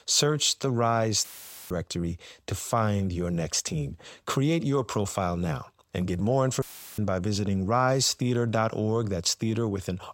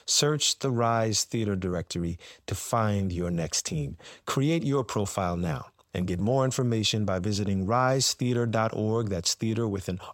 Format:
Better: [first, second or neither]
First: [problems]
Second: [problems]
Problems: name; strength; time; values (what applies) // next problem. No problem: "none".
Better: second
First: audio cutting out; filled with static; at 1 s and at 6.5 s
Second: none